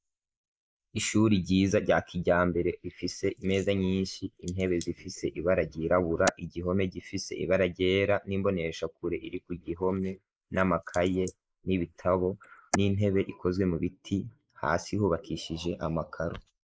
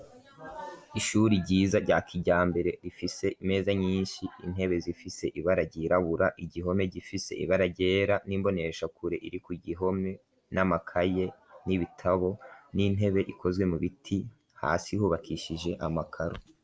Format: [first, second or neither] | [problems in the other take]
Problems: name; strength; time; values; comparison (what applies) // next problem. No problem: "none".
second | noise reduction (neural mask model Resemble Enhance denoiser)